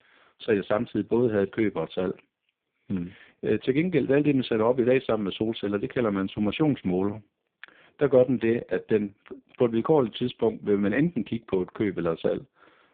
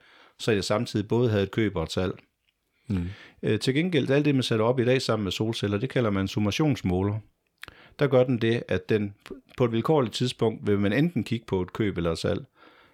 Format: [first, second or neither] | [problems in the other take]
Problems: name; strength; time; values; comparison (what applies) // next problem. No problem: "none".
second | phone-call audio; poor line; nothing above 3.5 kHz